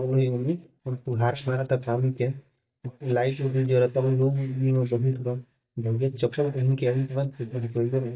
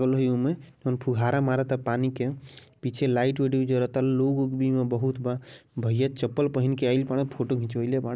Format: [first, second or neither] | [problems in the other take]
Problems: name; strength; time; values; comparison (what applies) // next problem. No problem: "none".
second | noise reduction (neural mask model DeepFilterNet 3)